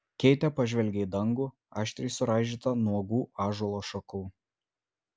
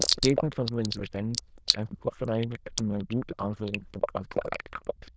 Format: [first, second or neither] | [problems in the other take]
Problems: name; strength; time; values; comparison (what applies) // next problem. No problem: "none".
first | noise reduction (neural diffusion model UNIVERSE++)